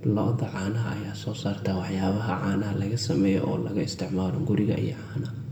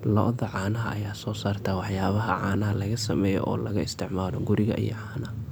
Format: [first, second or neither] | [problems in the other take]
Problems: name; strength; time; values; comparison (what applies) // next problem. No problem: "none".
second | room echo; dies away in 0.9 s